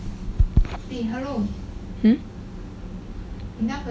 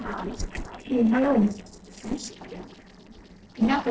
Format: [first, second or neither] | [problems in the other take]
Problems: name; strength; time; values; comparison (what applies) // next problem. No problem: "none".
first | noise reduction (neural separator model SepFormer DNS4)